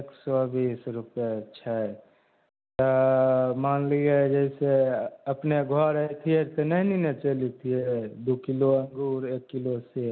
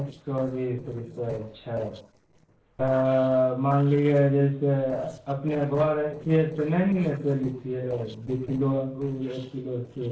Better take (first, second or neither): first